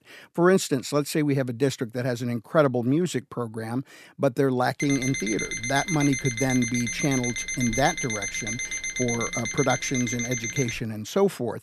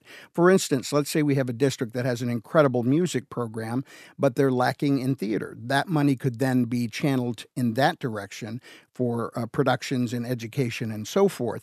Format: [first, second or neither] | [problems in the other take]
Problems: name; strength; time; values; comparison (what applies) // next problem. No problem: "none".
second | alarm; noticeable; from 5 to 11 s; peak 2 dB below the speech